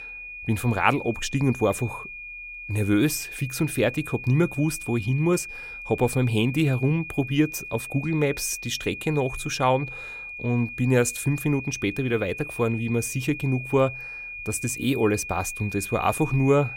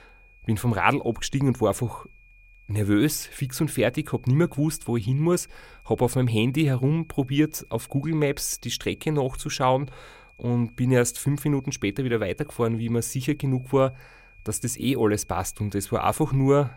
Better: second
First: high-pitched whine; loud; throughout; 2.5 kHz, 10 dB below the speech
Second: high-pitched whine; faint; throughout; 2.5 kHz, 30 dB below the speech

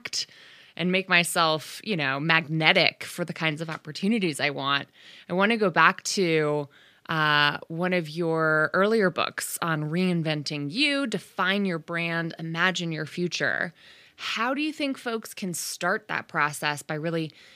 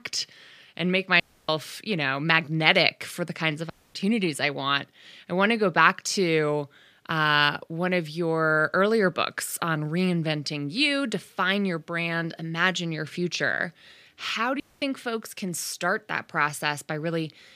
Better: first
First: none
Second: audio cutting out; at 1 s, at 3.5 s and at 15 s

